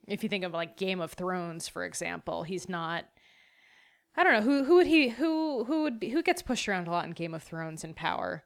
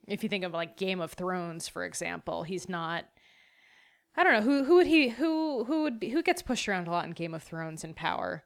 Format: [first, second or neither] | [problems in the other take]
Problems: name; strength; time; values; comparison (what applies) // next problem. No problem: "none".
neither | none